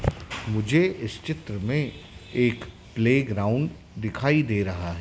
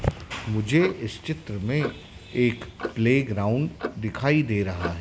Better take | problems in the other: first | background sound (Clock); 13 dB below the speech

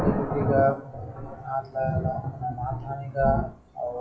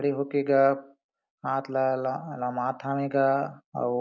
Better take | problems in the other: second | noise reduction (classical method WPE with log-MMSE)

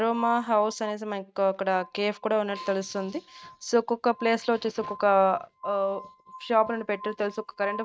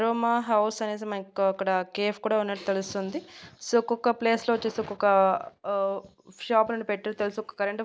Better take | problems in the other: second | noise reduction (neural mask model RNNoise)

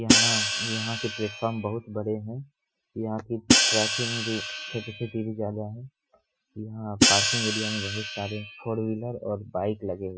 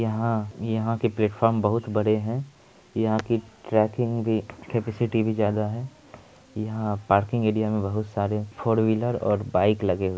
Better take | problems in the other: second | noise reduction (classical method Wiener filter)

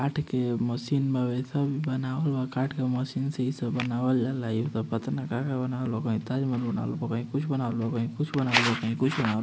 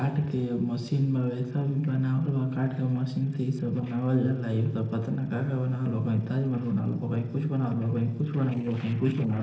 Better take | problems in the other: first | noise reduction (neural separator model SepFormer DNS4)

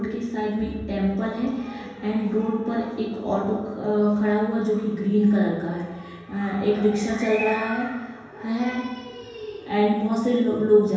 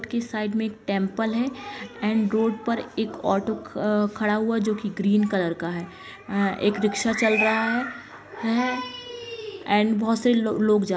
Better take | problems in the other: second | background sound (Organ); 18 dB below the speech // room echo; dies away in 1.2 s

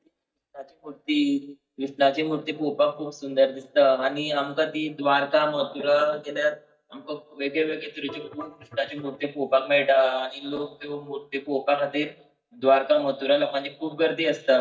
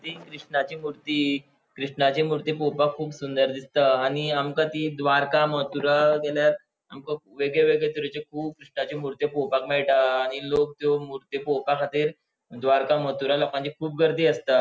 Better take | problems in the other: second | noise reduction (neural mask model DeepFilterNet 3)

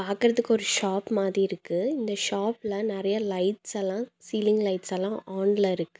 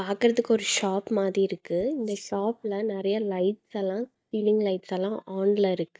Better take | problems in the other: first | noise reduction (neural mask model DeepFilterNet 3)

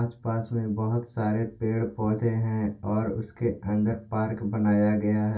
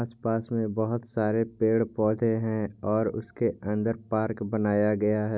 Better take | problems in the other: second | room echo; dies away in 0.2 s

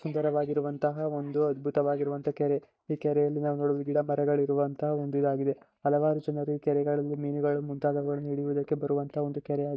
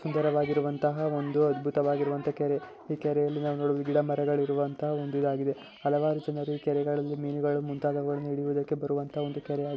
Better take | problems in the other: second | noise reduction (neural mask model DeepFilterNet 3)

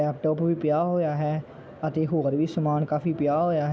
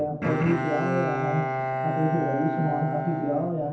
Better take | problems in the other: first | background sound (Bowed string instrument); 2 dB below the speech // room echo; dies away in 0.6 s

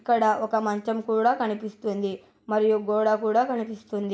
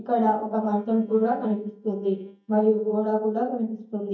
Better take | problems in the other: first | noise reduction (neural mask model DeepFilterNet 3)

